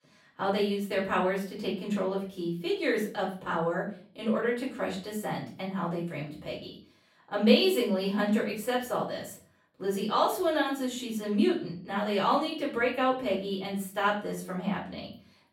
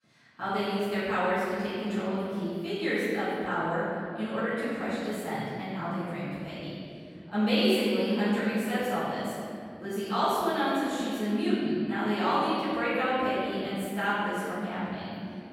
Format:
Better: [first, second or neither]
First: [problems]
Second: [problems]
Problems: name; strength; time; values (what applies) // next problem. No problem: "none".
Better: first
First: room echo; slight; dies away in 0.4 s // off-mic speech; far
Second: room echo; strong; dies away in 3 s // off-mic speech; far